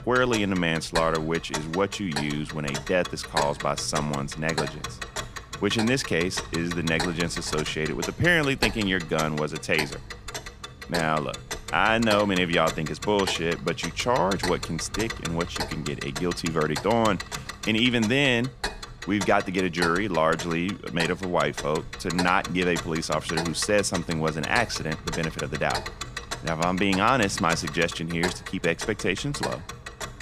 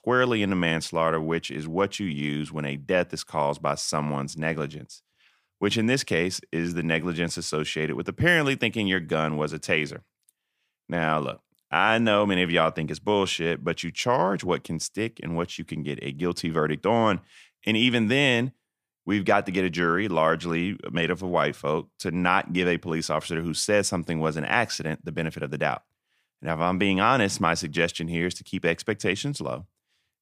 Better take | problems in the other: second | household noises; loud; throughout; 8 dB below the speech

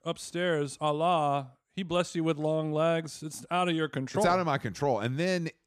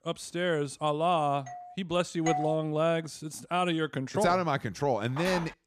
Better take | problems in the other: first | doorbell; faint; at 1.5 s; peak 15 dB below the speech // doorbell; noticeable; at 2.5 s; peak 3 dB below the speech // phone ringing; noticeable; at 5 s; peak 6 dB below the speech

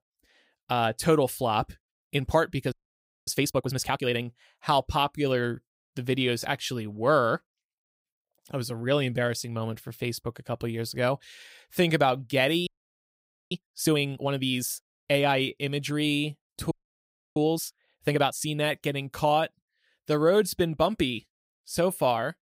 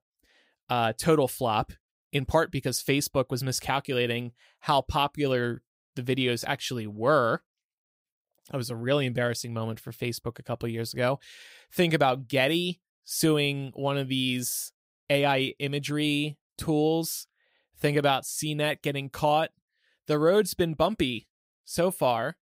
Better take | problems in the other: second | audio freezing; at 2.5 s for 0.5 s, at 13 s for 1 s and at 17 s for 0.5 s

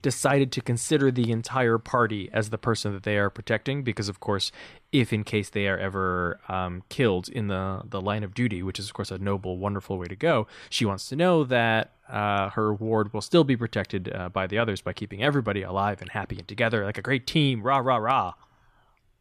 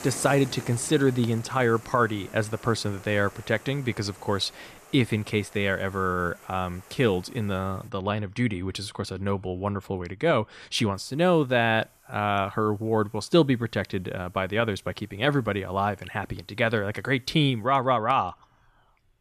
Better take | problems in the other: first | hiss; noticeable; until 8 s and from 11 to 18 s; 20 dB below the speech

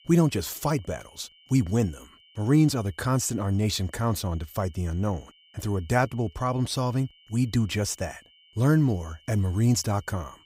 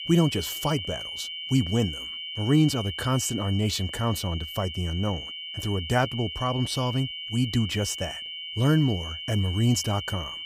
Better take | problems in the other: first | high-pitched whine; loud; throughout; 3 kHz, 7 dB below the speech; faint in the first

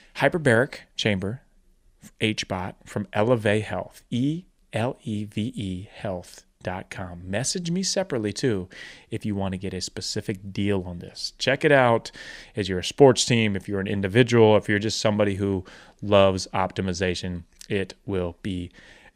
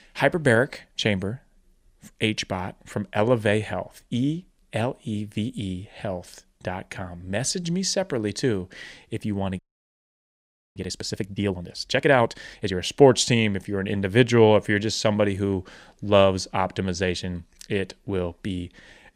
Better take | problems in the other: first | audio freezing; at 9.5 s for 1 s

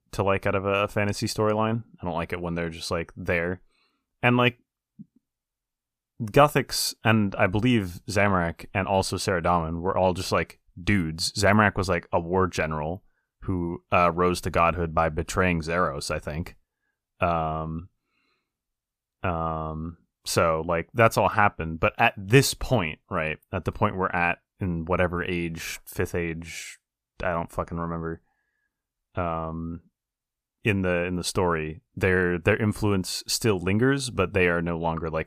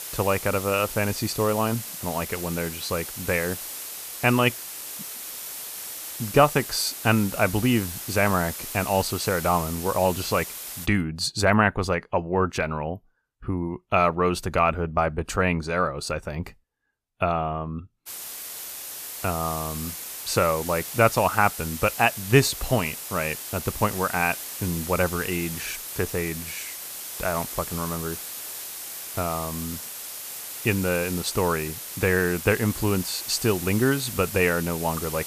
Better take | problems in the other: first | hiss; loud; until 11 s and from 18 s on; 8 dB below the speech

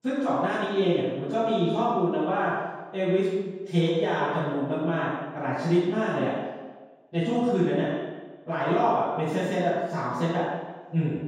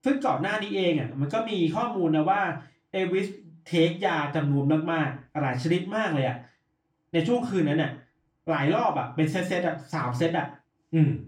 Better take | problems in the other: second | room echo; strong; dies away in 1.2 s; slight in the second // off-mic speech; far; far in the second

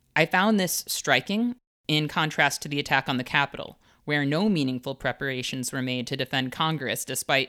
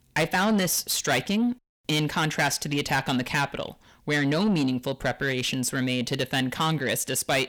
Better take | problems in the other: first | distortion; heavy; 8 dB below the speech

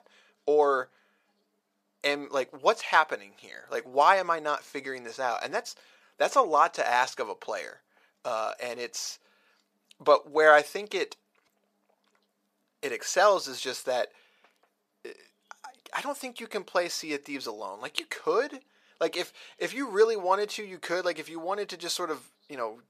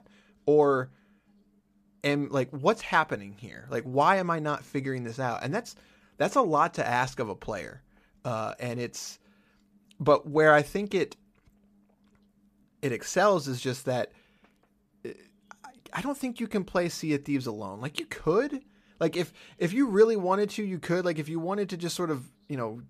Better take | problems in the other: second | thin; somewhat; fading below 600 Hz

